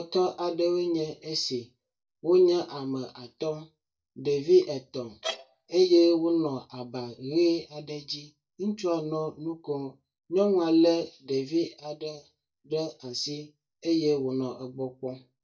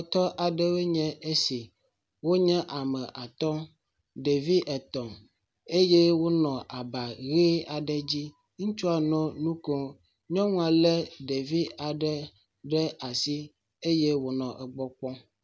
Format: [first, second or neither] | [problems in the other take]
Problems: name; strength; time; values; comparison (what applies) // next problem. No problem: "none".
second | noise reduction (neural mask model DeepFilterNet 3)